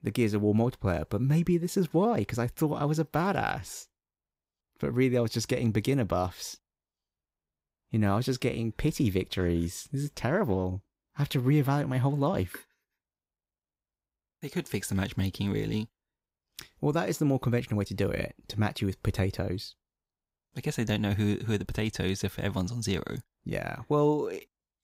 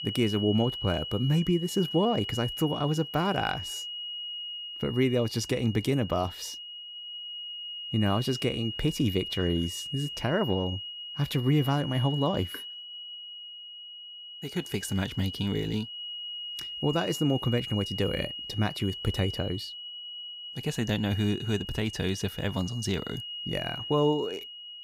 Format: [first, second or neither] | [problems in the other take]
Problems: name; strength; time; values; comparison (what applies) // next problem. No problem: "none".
first | high-pitched whine; loud; throughout; 3 kHz, 8 dB below the speech